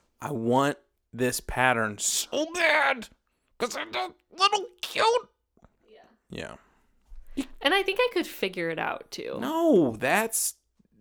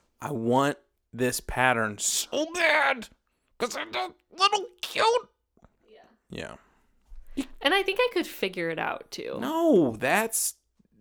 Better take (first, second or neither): neither